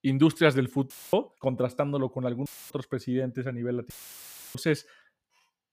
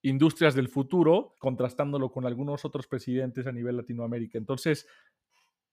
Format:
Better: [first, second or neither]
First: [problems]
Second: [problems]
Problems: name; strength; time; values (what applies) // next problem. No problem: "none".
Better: second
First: audio cutting out; filled with static; at 1 s, at 2.5 s and at 4 s for 0.5 s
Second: none